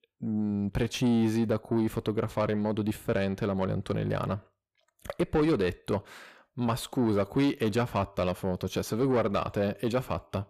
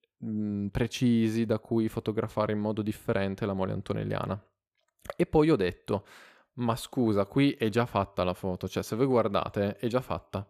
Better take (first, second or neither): second